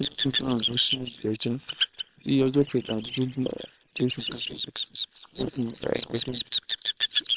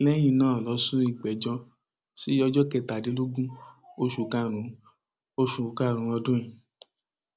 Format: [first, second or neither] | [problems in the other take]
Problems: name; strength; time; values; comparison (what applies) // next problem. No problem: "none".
second | noise reduction (neural separator model SepFormer WHAM!)